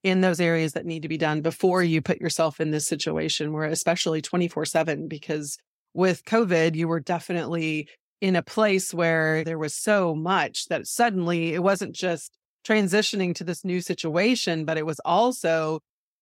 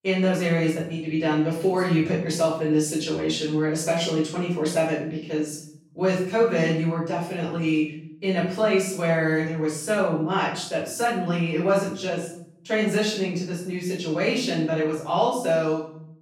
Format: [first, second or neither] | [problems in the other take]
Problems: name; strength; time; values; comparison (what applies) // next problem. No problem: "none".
first | off-mic speech; far // room echo; noticeable; dies away in 0.6 s